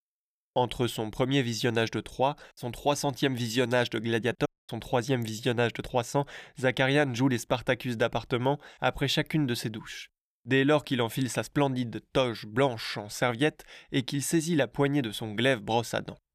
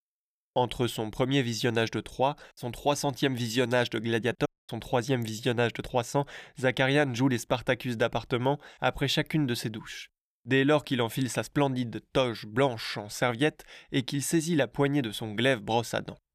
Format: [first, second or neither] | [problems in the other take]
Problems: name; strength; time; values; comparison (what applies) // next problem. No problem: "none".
neither | audio cutting out; at 4.5 s; the same in both